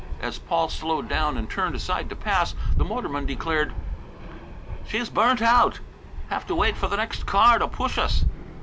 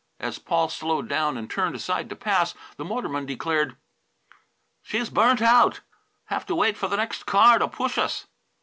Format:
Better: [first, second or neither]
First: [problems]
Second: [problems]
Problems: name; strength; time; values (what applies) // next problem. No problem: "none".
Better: second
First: background sound (Fixed-wing aircraft, airplane); 3 dB below the speech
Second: none